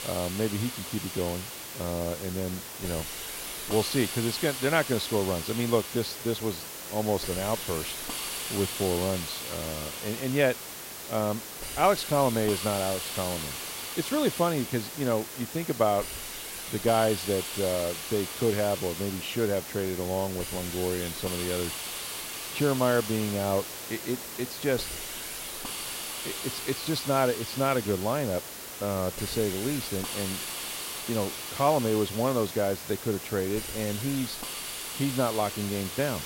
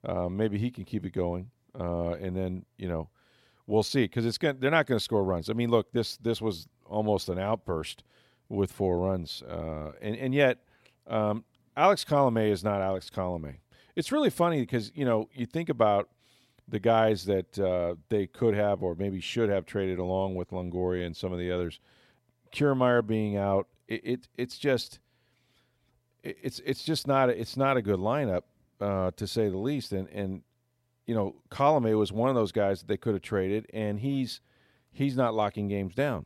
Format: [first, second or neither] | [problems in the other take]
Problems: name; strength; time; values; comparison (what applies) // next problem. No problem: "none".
second | hiss; loud; throughout; 5 dB below the speech